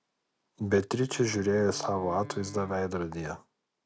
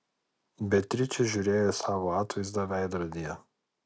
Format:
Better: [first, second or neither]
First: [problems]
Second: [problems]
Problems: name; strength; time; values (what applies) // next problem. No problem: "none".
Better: second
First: background sound (Wind instrument, woodwind instrument); 19 dB below the speech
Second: none